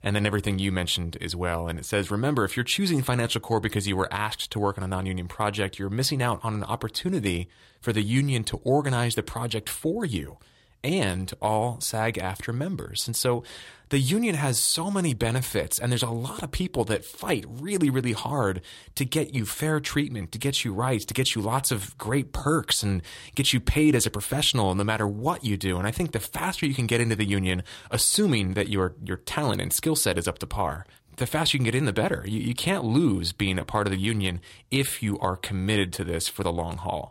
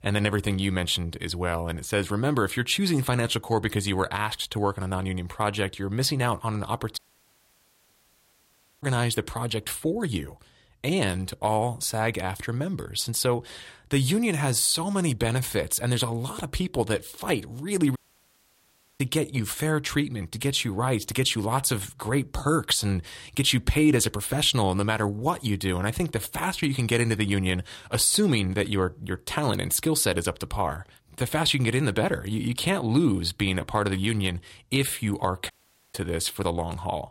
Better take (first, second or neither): first